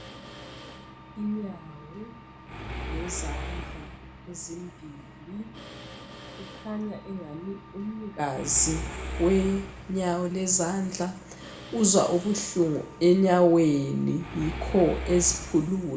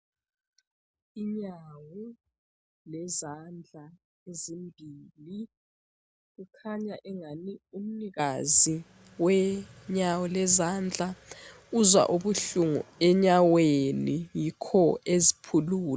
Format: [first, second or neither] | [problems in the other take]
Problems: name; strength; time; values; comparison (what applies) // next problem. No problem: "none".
second | background sound (Mechanisms); 12 dB below the speech // room echo; dies away in 0.5 s